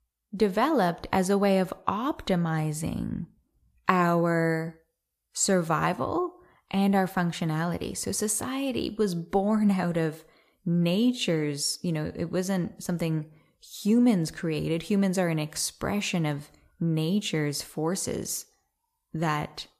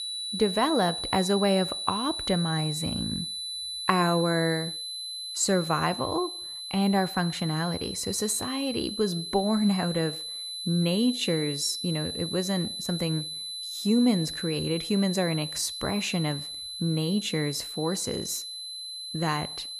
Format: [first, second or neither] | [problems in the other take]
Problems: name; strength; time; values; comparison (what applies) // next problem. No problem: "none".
first | high-pitched whine; loud; throughout; 4 kHz, 5 dB below the speech